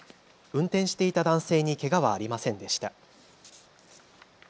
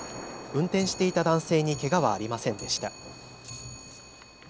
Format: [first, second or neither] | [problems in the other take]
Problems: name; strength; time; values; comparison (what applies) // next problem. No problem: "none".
first | background sound (Thunder + Clock); 13 dB below the speech